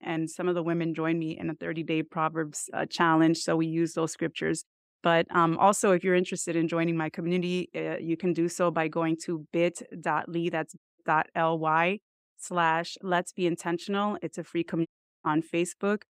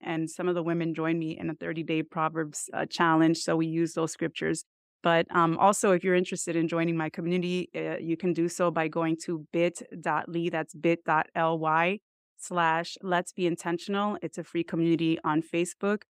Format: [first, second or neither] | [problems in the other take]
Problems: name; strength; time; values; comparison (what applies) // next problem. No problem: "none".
second | audio cutting out; at 11 s and at 15 s